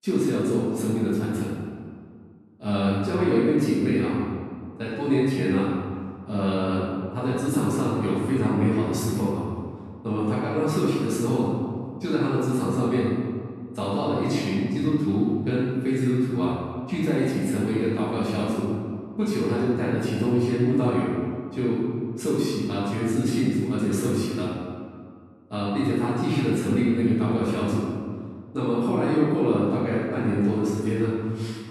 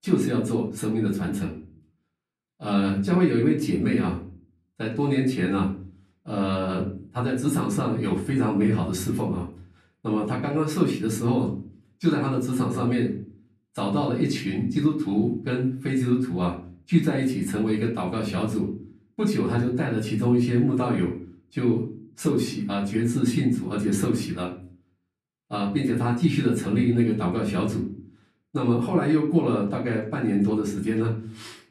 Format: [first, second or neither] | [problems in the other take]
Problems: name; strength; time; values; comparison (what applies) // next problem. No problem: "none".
second | room echo; strong; dies away in 1.7 s; slight in the second // off-mic speech; far; far in the second